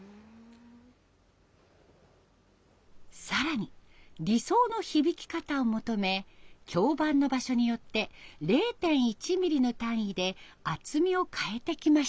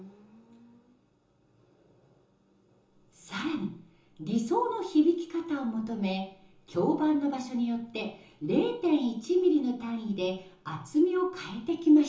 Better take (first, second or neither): first